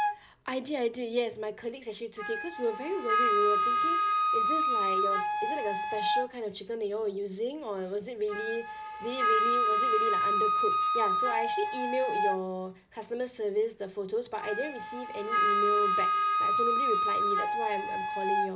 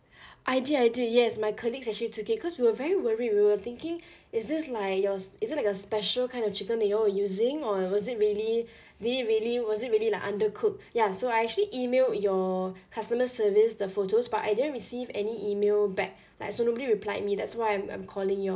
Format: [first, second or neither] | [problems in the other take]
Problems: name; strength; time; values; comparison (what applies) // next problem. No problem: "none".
second | background sound (Wind instrument, woodwind instrument); 4 dB above the speech